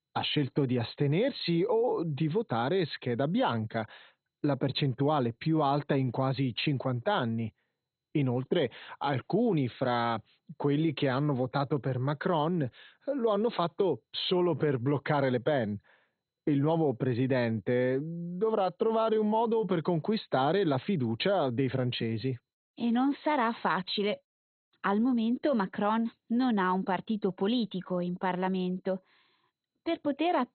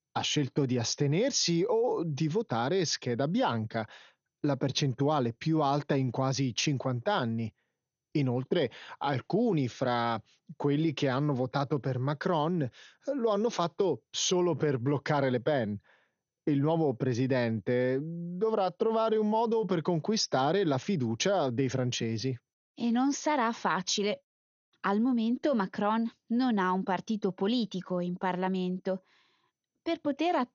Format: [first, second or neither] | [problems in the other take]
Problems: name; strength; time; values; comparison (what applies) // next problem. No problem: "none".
second | garbled, watery; badly; nothing above 4 kHz; slightly in the second